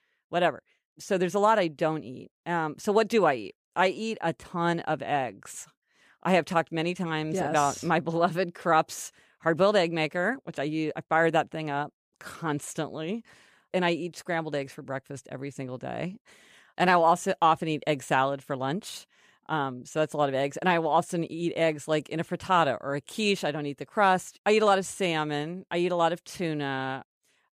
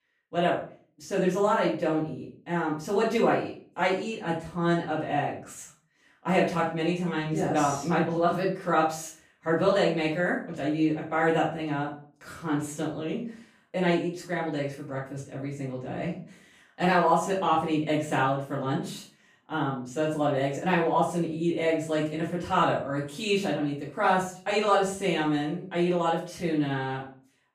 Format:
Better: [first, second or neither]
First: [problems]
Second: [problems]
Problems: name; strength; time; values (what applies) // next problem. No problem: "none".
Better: first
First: none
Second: off-mic speech; far // room echo; noticeable; dies away in 0.4 s